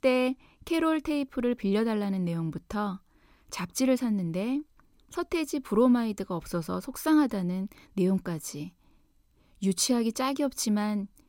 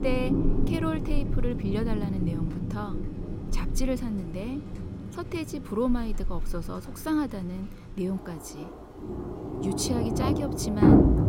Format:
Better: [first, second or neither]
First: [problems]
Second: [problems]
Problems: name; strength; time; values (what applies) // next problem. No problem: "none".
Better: first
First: none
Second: rain or running water; very loud; throughout; 3 dB above the speech